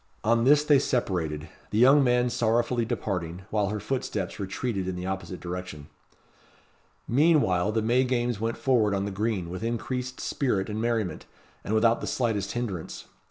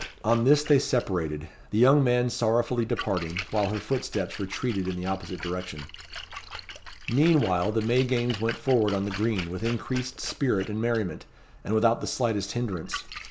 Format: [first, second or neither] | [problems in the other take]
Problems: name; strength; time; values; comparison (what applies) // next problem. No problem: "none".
first | background sound (Splash, splatter); 14 dB below the speech